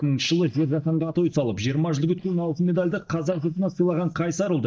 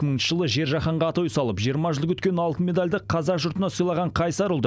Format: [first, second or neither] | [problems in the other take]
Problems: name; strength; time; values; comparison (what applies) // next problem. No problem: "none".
second | noise reduction (neural mask model DeepFilterNet 3)